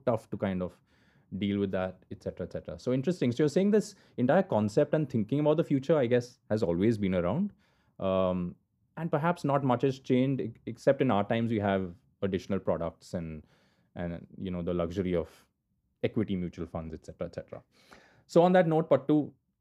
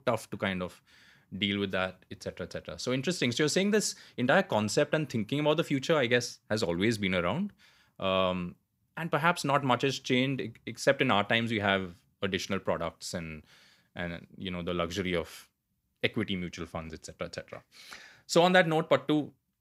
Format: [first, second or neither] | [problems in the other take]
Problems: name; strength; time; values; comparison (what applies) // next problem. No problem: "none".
second | muffled; slightly; fading above 1 kHz